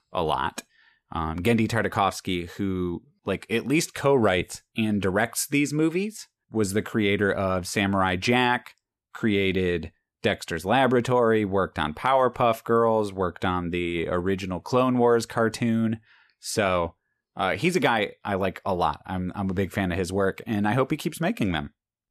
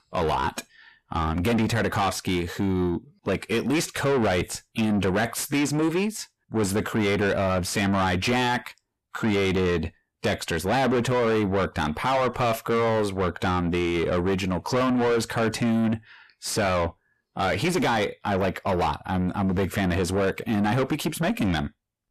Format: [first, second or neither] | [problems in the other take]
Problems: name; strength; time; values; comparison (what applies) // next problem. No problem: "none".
first | distortion; heavy; 7 dB below the speech